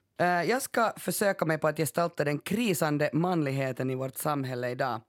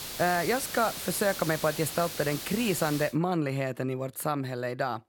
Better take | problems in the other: first | hiss; loud; until 3 s; 7 dB below the speech

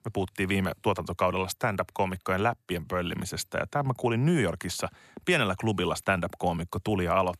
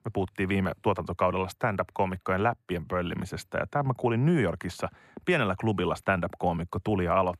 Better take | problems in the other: first | muffled; slightly; fading above 3 kHz

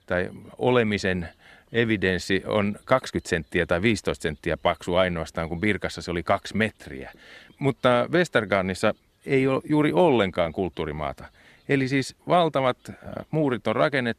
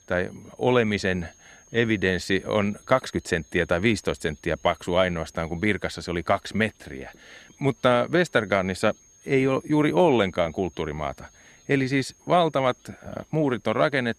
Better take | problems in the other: first | high-pitched whine; faint; throughout; 6.5 kHz, 30 dB below the speech

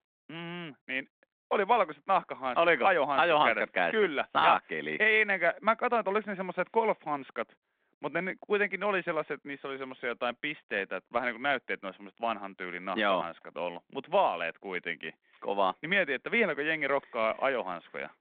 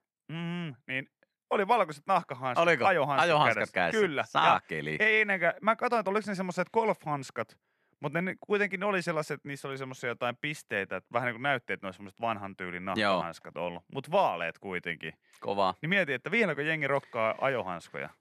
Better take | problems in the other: second | phone-call audio

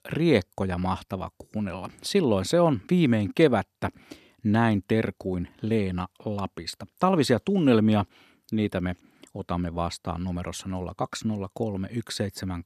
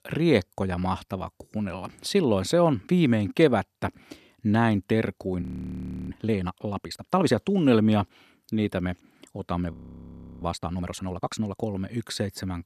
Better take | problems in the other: first | audio freezing; at 5.5 s for 0.5 s and at 9.5 s for 0.5 s

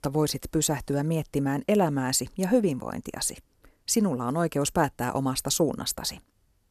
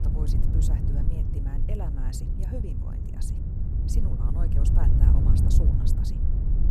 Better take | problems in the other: first | wind noise on the microphone; heavy; 3 dB above the speech

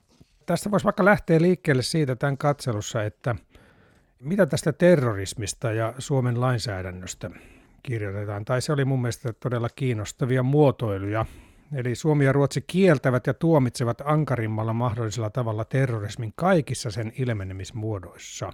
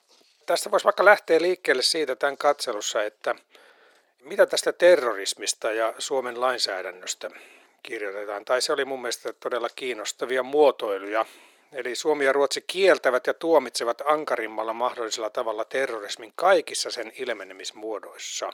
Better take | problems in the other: first | thin; very; fading below 400 Hz

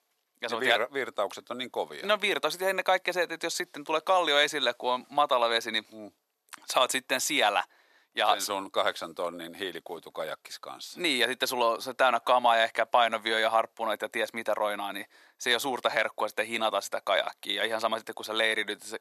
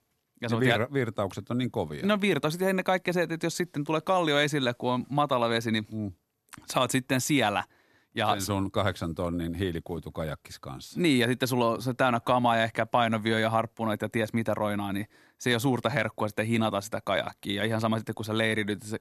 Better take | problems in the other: second | thin; very; fading below 600 Hz

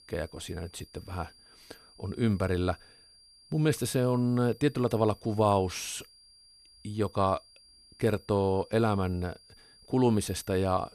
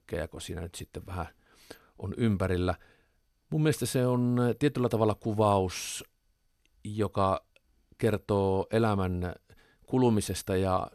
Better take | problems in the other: second | high-pitched whine; faint; throughout; 4.5 kHz, 25 dB below the speech

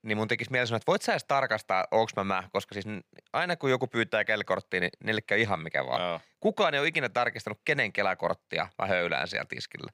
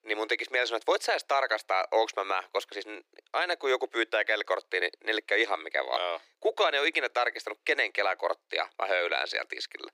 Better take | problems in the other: first | thin; very; fading below 300 Hz

